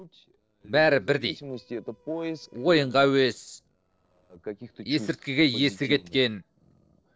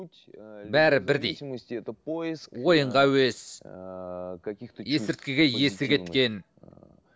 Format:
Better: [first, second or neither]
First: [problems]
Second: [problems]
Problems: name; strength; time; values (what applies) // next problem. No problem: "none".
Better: second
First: noise reduction (neural separator model SepFormer DNS4)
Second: none